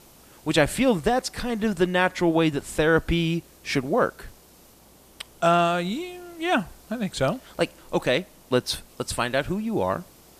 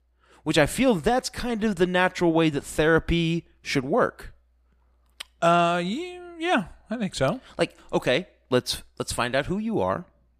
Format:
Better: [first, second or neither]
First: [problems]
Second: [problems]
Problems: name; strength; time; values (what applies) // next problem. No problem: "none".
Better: second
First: hiss; faint; throughout; 25 dB below the speech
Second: none